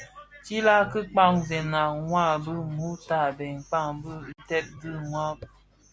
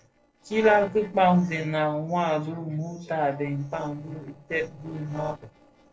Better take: first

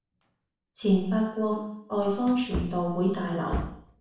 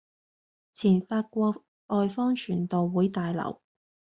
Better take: second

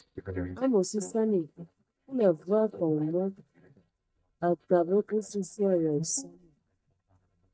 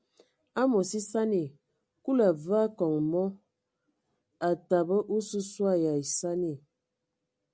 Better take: second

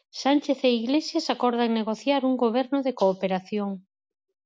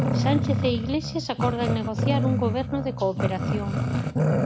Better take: first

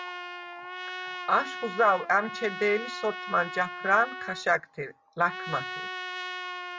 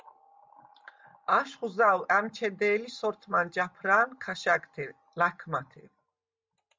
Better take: second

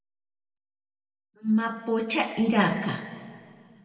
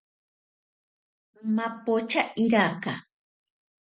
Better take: second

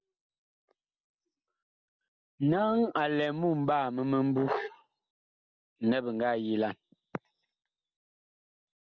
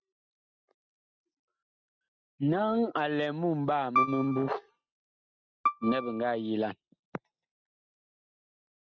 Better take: first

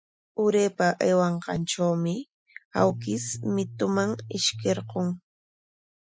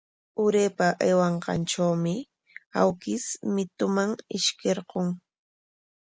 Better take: second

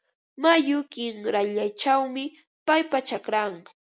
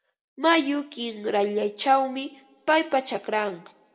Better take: first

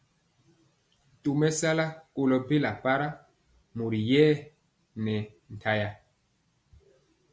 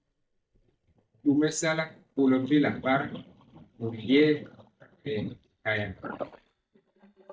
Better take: first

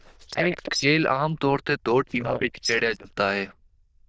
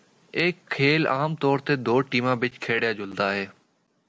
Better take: second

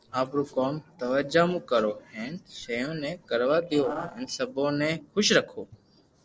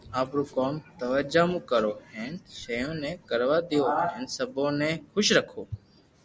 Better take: second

